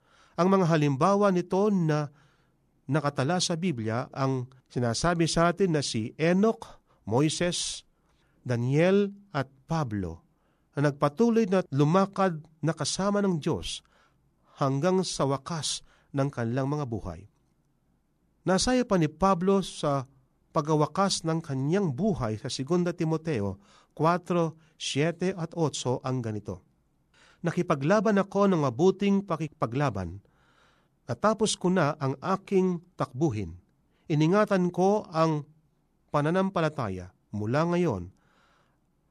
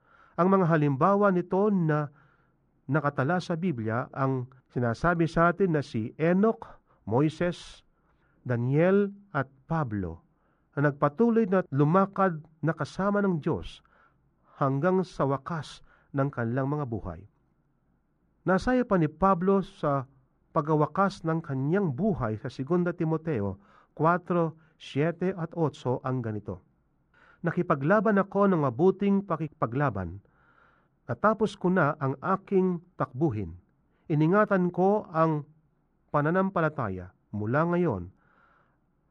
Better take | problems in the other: first | muffled; very; fading above 3.5 kHz

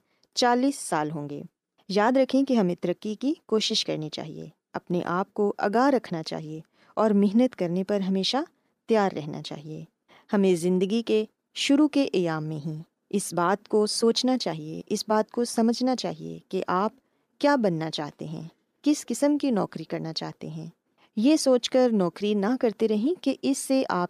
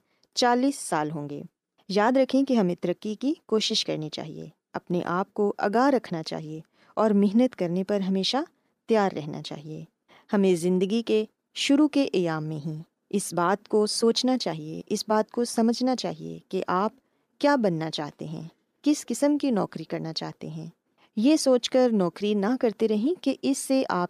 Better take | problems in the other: neither | none

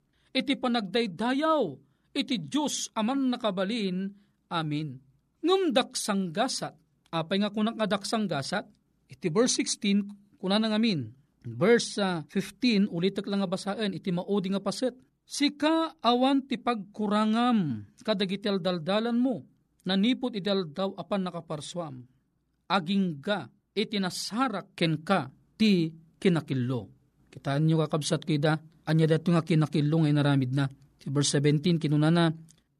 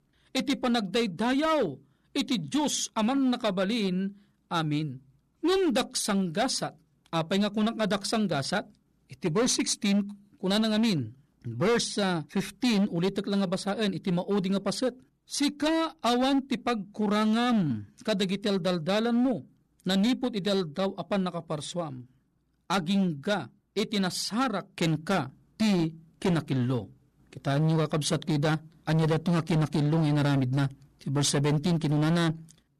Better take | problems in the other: first | distortion; slight; 11% of the sound clipped

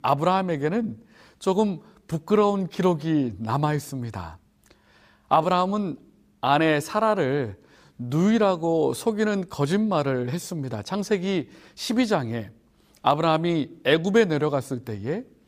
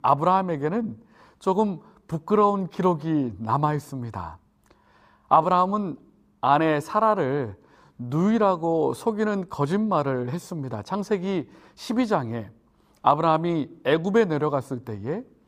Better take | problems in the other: first | muffled; slightly; fading above 1.5 kHz

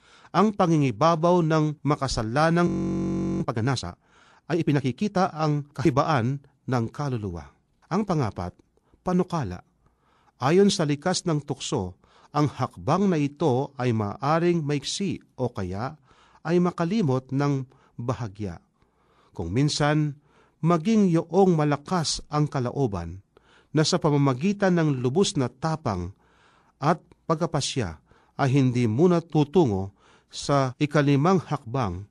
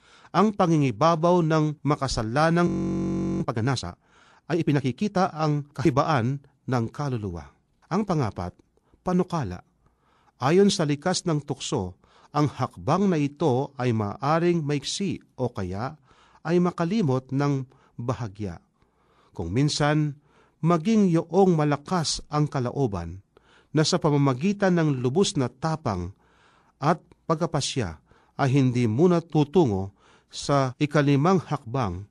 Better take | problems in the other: neither | audio freezing; at 2.5 s for 0.5 s; the same in both

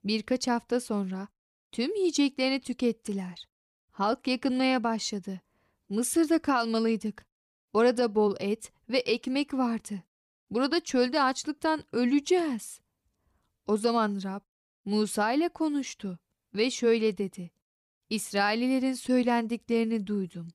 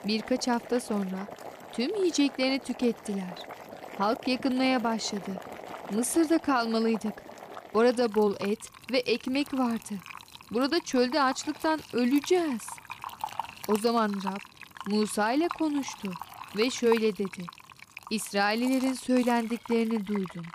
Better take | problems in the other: first | household noises; noticeable; throughout; 15 dB below the speech

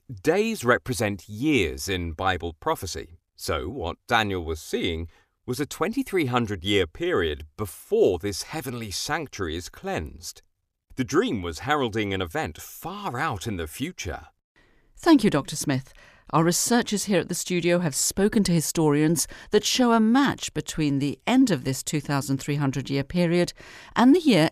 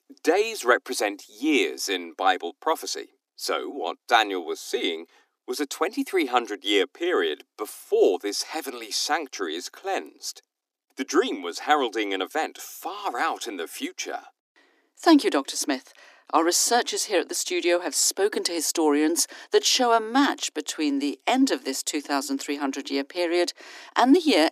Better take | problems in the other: first | thin; very slightly; fading below 250 Hz

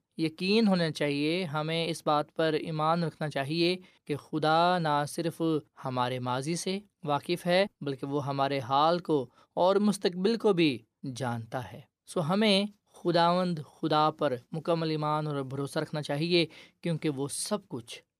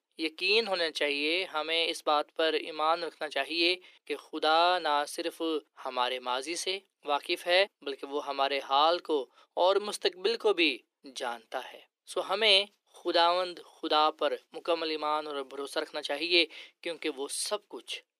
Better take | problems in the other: first | thin; very; fading below 350 Hz

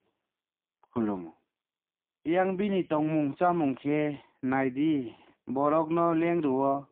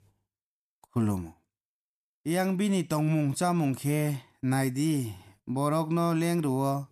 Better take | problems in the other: second | phone-call audio; poor line

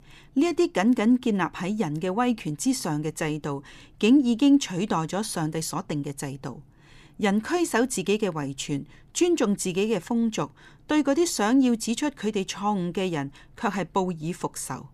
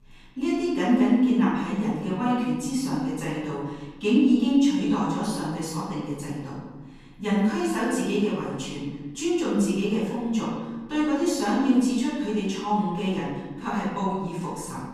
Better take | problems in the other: first | off-mic speech; far // room echo; noticeable; dies away in 1.2 s

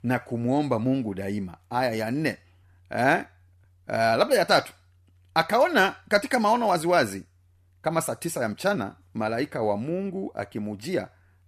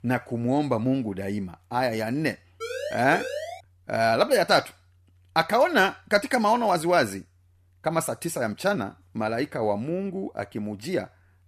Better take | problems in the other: first | siren; noticeable; from 2.5 to 3.5 s; peak 7 dB below the speech

